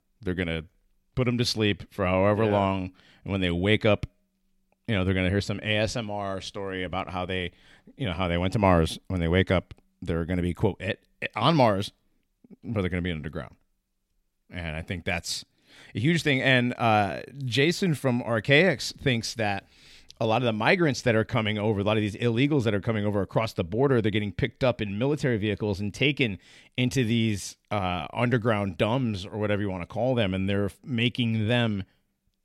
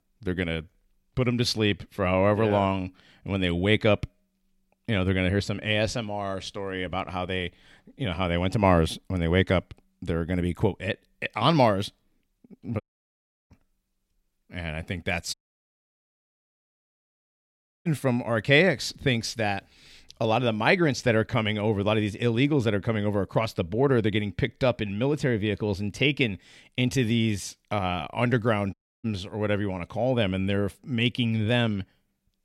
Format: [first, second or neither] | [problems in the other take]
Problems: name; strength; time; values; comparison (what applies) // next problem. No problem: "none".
first | audio cutting out; at 13 s for 0.5 s, at 15 s for 2.5 s and at 29 s